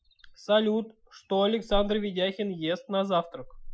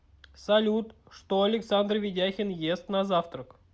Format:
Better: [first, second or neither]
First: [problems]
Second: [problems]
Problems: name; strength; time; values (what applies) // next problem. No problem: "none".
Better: second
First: noise reduction (classical method Wiener filter)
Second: none